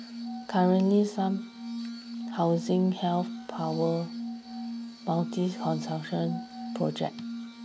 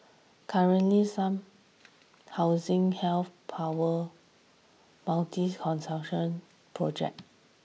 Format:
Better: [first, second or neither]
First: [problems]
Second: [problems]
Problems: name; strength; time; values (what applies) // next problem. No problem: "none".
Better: second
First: background sound (Glass); 8 dB below the speech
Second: none